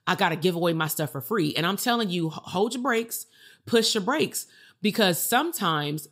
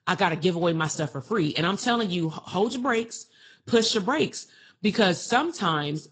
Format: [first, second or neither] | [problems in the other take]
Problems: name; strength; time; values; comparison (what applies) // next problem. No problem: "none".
first | garbled, watery; slightly; nothing above 7.5 kHz